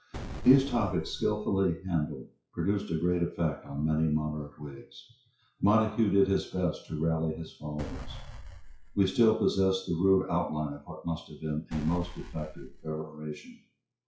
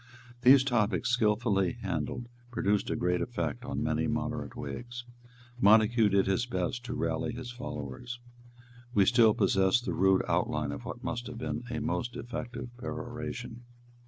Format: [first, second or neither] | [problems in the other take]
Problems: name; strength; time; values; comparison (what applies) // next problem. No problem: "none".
second | noise reduction (classical method WPE with log-MMSE)